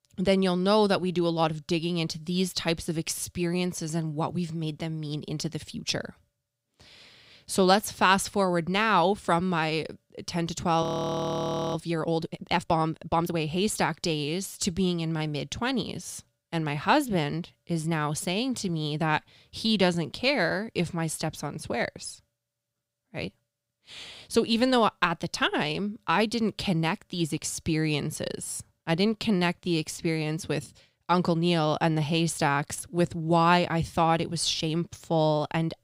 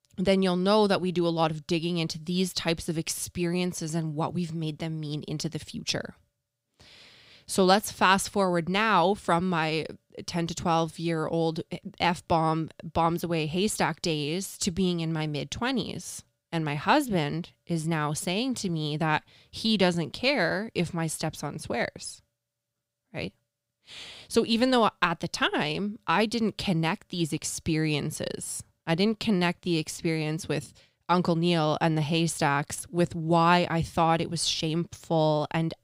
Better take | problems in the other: second | audio freezing; at 11 s for 1 s

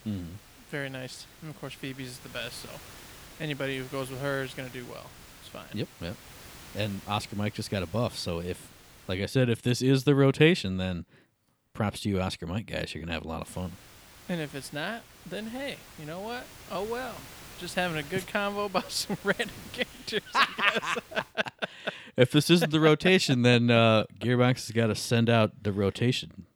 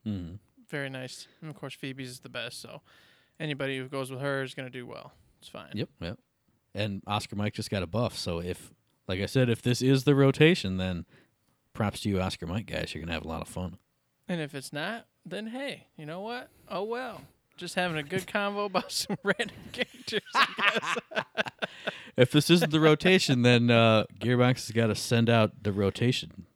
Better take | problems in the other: second | hiss; faint; until 9 s and from 13 to 21 s; 20 dB below the speech

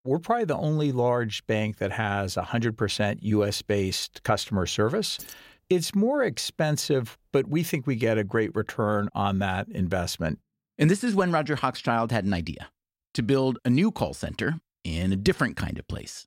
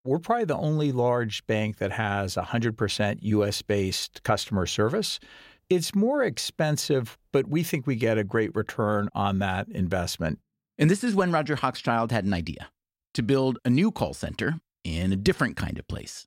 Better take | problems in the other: second | jangling keys; faint; at 5 s; peak 15 dB below the speech

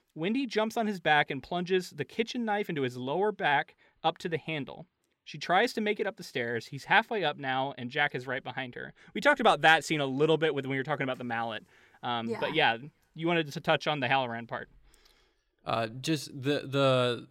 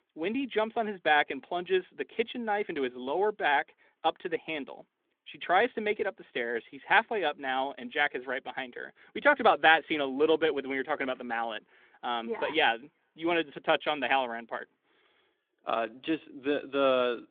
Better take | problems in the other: first | phone-call audio; nothing above 3.5 kHz

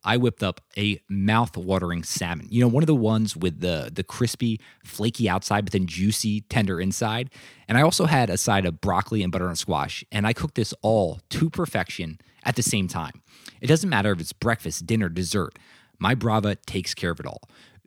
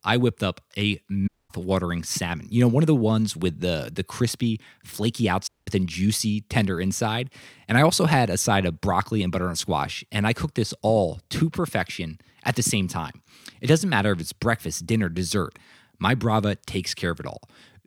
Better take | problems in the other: first | audio cutting out; at 1.5 s and at 5.5 s

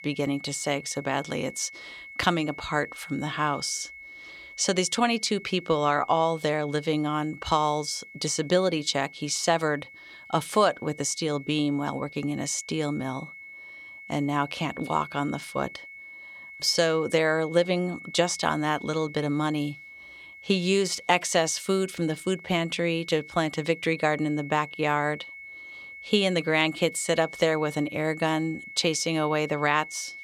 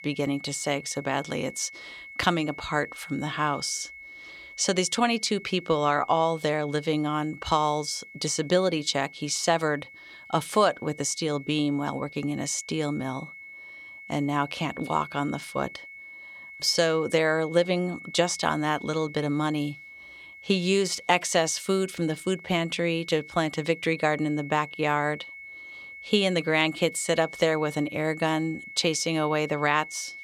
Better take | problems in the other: neither | high-pitched whine; noticeable; throughout; 2 kHz, 15 dB below the speech; the same in both

